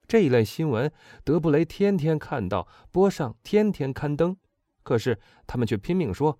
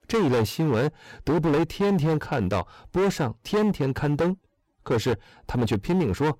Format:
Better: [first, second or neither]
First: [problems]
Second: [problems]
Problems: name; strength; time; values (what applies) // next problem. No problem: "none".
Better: first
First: none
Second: distortion; heavy; 19% of the sound clipped